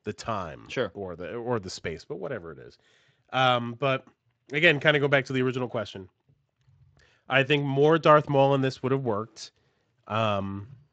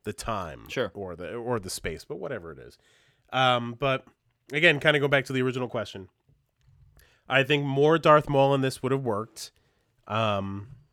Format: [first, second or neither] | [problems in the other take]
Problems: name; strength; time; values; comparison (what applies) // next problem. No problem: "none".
second | garbled, watery; slightly; nothing above 7.5 kHz